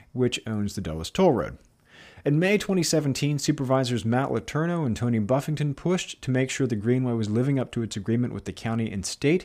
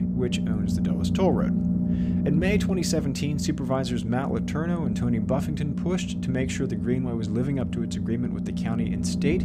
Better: first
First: none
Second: low rumble; loud; throughout; 4 dB below the speech

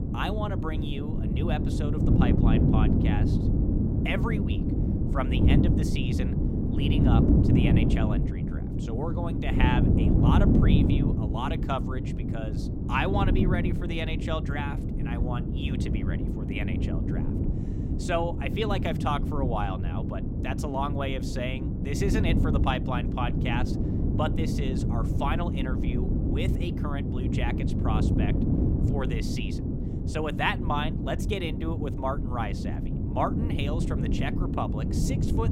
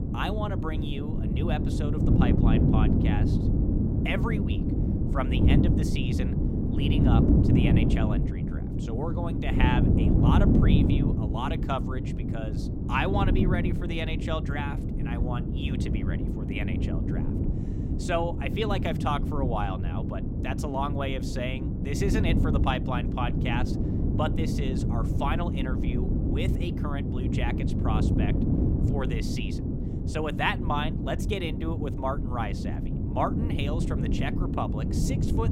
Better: neither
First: wind noise on the microphone; heavy; 2 dB below the speech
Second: wind noise on the microphone; heavy; 2 dB below the speech

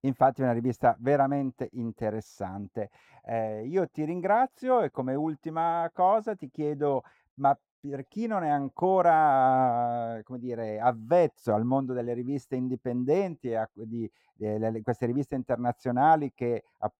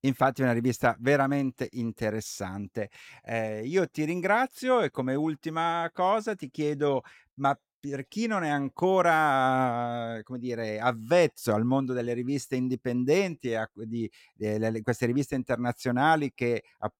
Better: second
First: muffled; very; fading above 1.5 kHz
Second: none

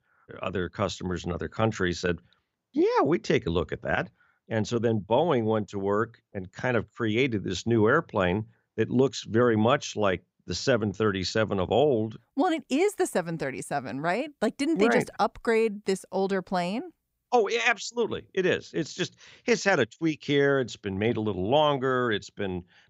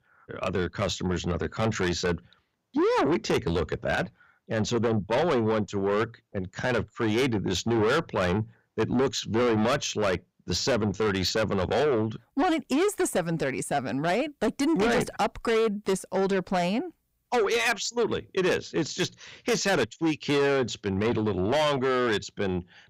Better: first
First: none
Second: distortion; heavy; 7 dB below the speech

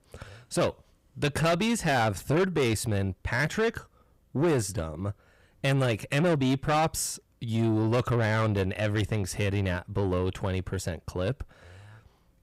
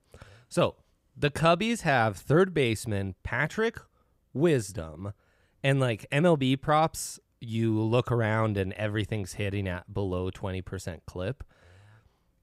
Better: second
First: distortion; heavy; 8 dB below the speech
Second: none

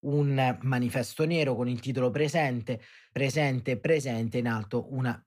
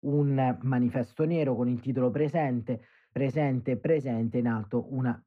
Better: first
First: none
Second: muffled; very; fading above 2.5 kHz

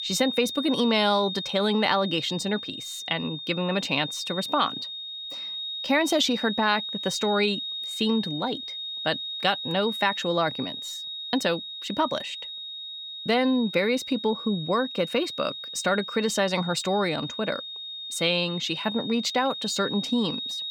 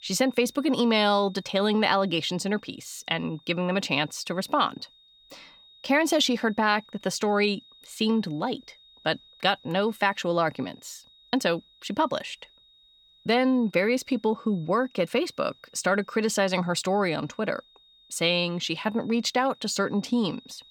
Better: second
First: high-pitched whine; loud; throughout; 3.5 kHz, 6 dB below the speech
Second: high-pitched whine; faint; throughout; 3.5 kHz, 30 dB below the speech

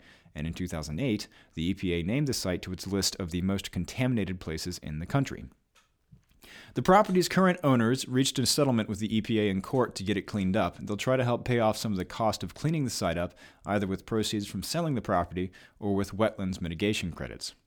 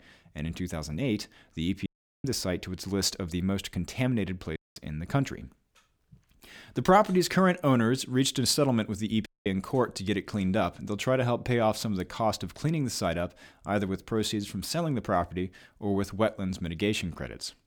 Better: first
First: none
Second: audio cutting out; at 2 s, at 4.5 s and at 9.5 s

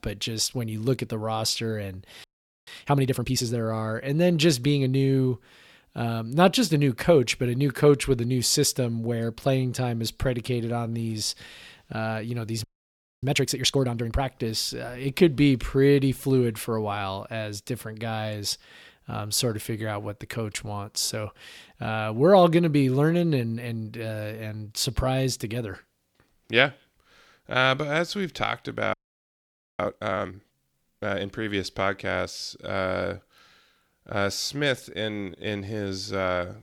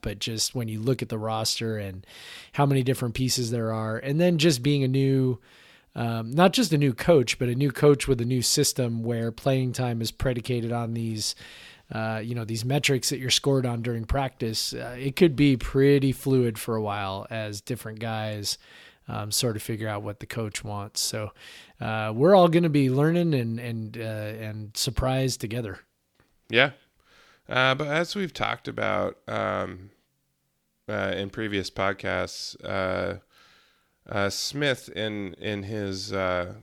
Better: second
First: audio freezing; at 2 s, at 13 s for 0.5 s and at 29 s for 1 s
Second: none

